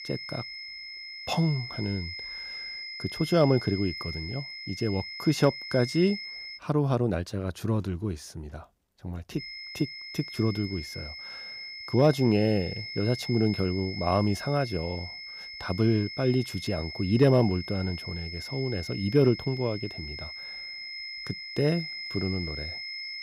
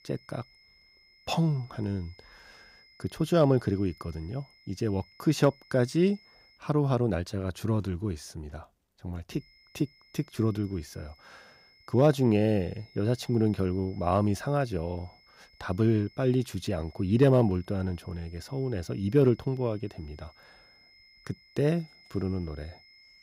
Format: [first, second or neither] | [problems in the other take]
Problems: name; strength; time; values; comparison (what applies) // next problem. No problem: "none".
second | high-pitched whine; loud; until 6.5 s and from 9.5 s on; 2 kHz, 9 dB below the speech; faint in the second